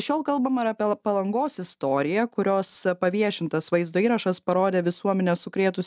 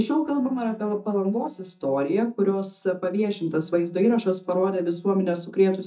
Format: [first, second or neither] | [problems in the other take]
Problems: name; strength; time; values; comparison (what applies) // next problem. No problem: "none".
first | noise reduction (neural mask model DeepFilterNet 3)